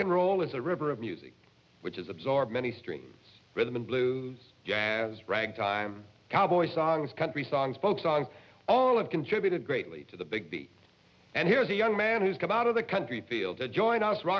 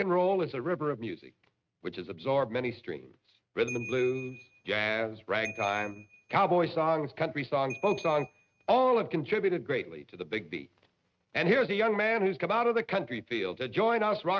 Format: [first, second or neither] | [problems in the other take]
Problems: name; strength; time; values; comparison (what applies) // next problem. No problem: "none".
first | noise reduction (neural mask model RNNoise)